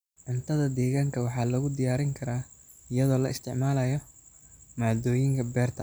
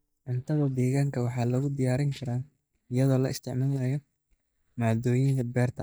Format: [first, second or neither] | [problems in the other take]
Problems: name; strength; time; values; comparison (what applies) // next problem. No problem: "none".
first | noise reduction (neural mask model DeepFilterNet 3)